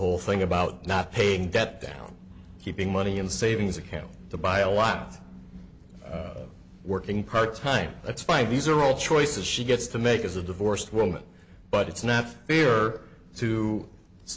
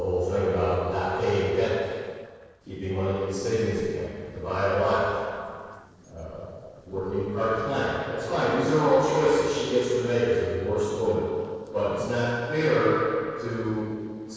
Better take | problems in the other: first | noise reduction (neural separator model SepFormer DNS4)

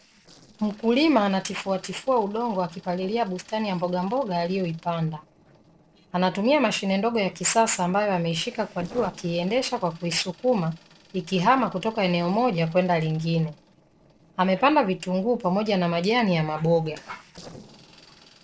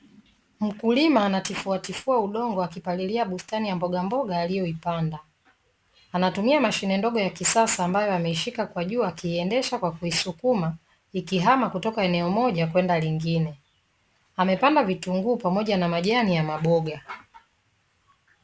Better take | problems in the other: second | noise reduction (neural separator model SepFormer DNS4)

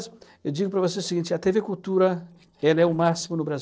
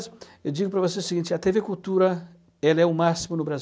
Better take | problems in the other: second | noise reduction (neural separator model SepFormer DNS4)

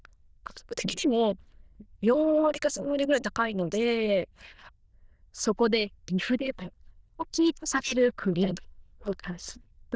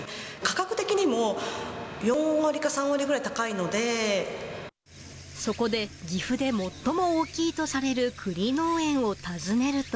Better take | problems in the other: second | noise reduction (neural diffusion model UNIVERSE++)

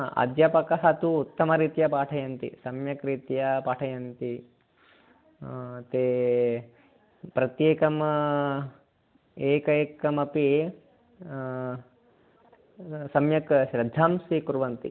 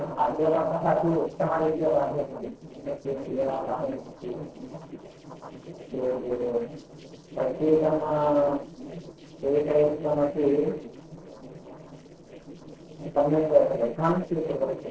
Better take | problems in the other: first | noise reduction (neural separator model SepFormer DNS4)

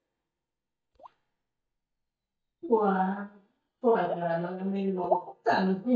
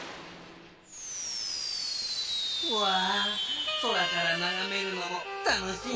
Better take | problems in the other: second | noise reduction (neural mask model DeepFilterNet 3)

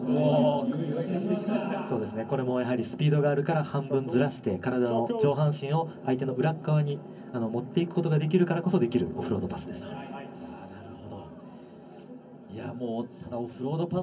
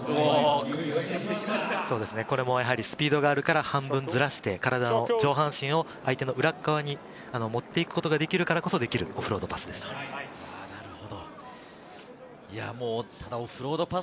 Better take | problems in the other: second | room echo; dies away in 0.3 s

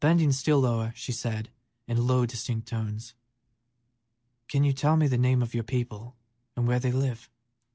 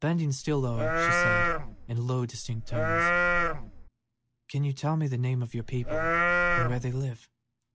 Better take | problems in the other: first | background sound (Livestock, farm animals, working animals); 4 dB above the speech

